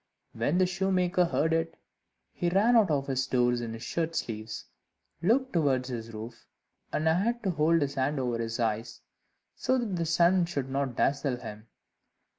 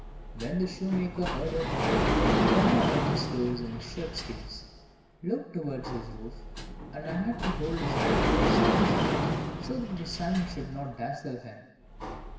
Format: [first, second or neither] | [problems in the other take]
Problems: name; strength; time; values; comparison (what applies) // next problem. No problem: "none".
first | background sound (Sliding door); 4 dB above the speech // room echo; dies away in 1 s